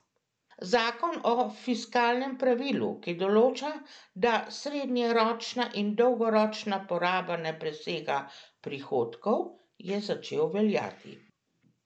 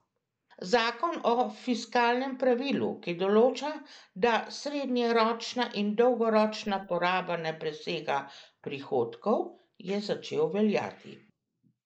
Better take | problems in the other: first | noise reduction (neural mask model Resemble Enhance denoiser)

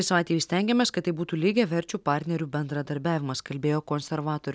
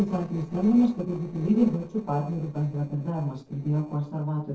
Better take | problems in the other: first | noise reduction (neural separator model SepFormer DNS4)

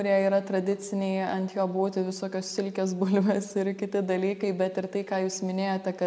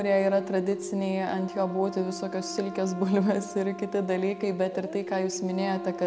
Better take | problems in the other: first | background sound (Brass instrument + Dog); 11 dB below the speech

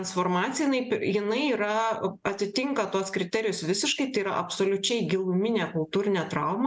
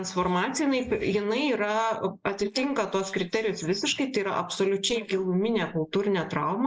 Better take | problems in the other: first | noise reduction (neural mask model Resemble Enhance denoiser)

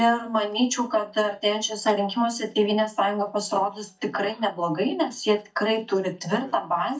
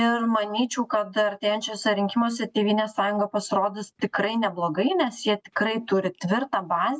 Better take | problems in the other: second | noise reduction (neural mask model DeepFilterNet 3)

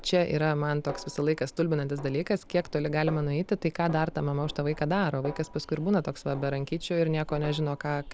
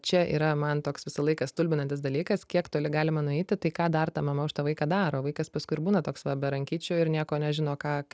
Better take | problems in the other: second | background sound (Train + Snare drum); 16 dB below the speech

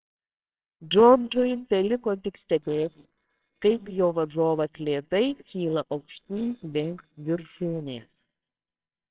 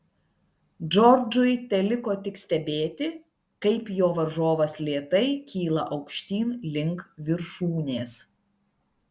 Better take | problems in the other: second | noise reduction (neural separator model SepFormer WHAMR!)

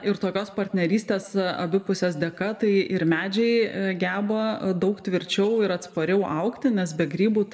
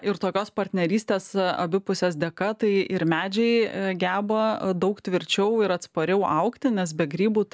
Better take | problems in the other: second | room echo; dies away in 0.7 s

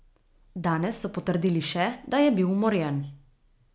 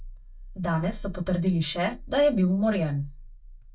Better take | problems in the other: first | noise reduction (neural mask model DeepFilterNet 3)

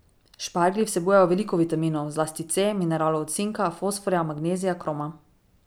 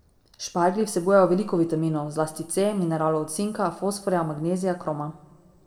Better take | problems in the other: first | room echo; dies away in 1.4 s

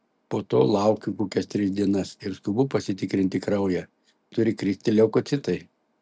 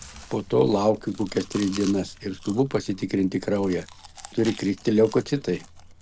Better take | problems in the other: first | background sound (Chewing, mastication); 18 dB below the speech

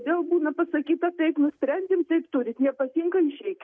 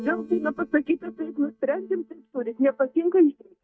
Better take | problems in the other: first | noise reduction (neural mask model DeepFilterNet 3)

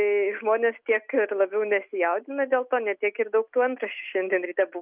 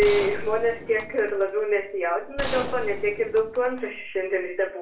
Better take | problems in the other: first | background sound (Gunshot, gunfire); 10 dB below the speech // room echo; dies away in 0.4 s

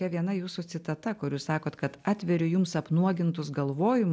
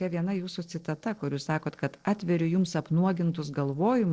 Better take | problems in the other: first | noise reduction (neural separator model SepFormer DNS4)

